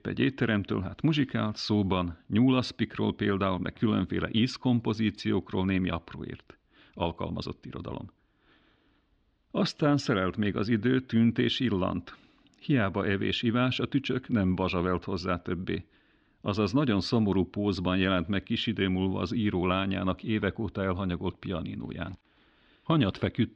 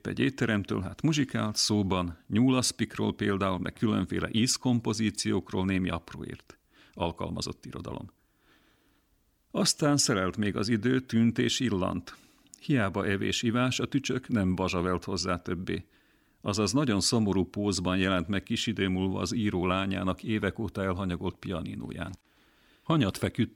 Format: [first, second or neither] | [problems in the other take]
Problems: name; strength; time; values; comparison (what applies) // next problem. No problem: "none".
second | muffled; slightly; fading above 3.5 kHz